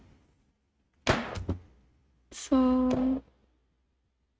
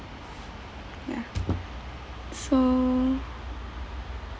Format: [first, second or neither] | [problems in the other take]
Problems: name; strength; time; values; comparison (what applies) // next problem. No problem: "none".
second | noise reduction (neural mask model RNNoise)